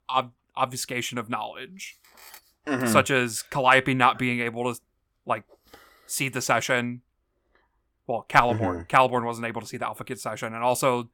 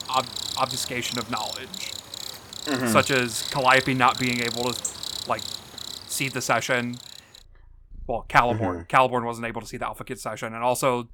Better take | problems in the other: first | animal sounds; loud; throughout; 8 dB below the speech

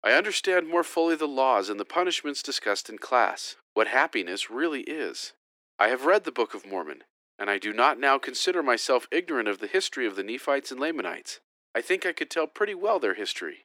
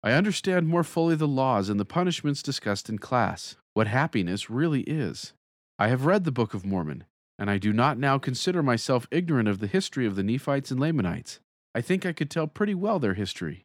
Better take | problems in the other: second | thin; very; fading below 350 Hz

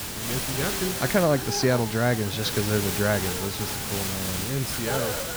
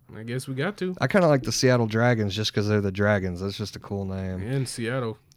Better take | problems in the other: second | hiss; loud; throughout; 2 dB below the speech

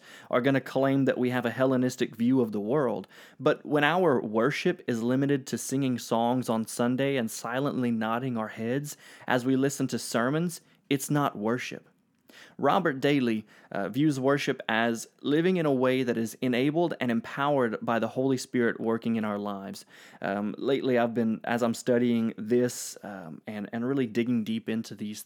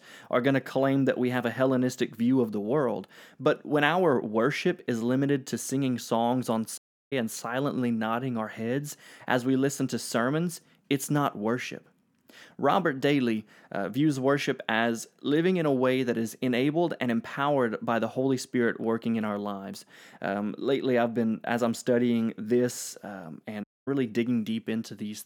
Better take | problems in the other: first | audio cutting out; at 7 s and at 24 s

